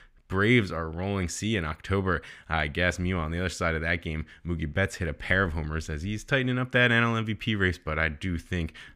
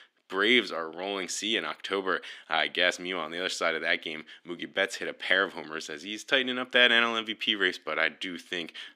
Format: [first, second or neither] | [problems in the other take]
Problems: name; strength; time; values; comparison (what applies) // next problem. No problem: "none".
first | thin; somewhat; fading below 300 Hz